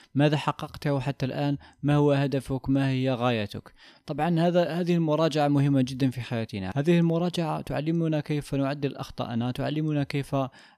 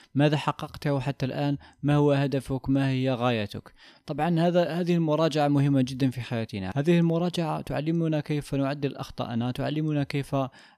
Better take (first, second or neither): neither